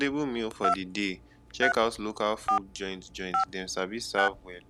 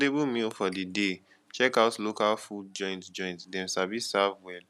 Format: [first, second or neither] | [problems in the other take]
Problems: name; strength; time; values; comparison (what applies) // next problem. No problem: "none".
second | background sound (Telephone); 2 dB below the speech